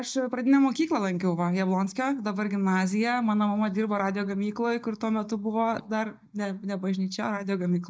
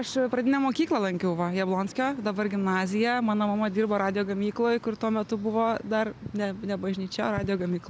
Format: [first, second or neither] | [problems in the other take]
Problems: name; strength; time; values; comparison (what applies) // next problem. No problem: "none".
second | noise reduction (neural mask model DeepFilterNet 3)